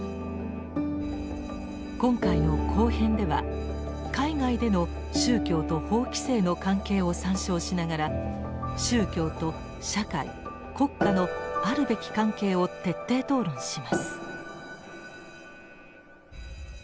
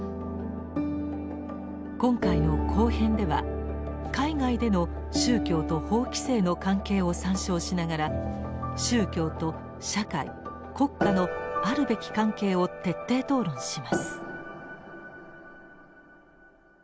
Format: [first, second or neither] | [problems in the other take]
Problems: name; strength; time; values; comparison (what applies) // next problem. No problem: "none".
second | background sound (Alarm); 19 dB below the speech